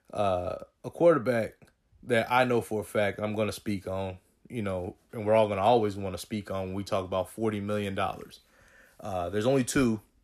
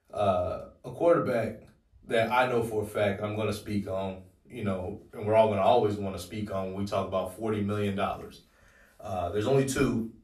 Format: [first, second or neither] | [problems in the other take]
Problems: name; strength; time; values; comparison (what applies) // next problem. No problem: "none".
first | off-mic speech; far // room echo; very slight; dies away in 0.3 s